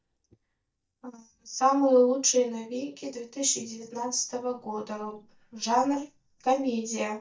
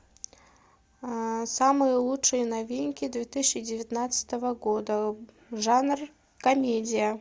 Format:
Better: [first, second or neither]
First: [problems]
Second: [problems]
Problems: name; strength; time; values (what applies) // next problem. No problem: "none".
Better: second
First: noise reduction (neural mask model DeepFilterNet 3)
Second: none